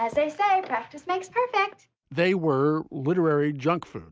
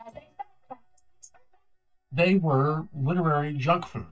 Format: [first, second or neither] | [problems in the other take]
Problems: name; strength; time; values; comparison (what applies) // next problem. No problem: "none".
first | noise reduction (neural mask model DeepFilterNet 3)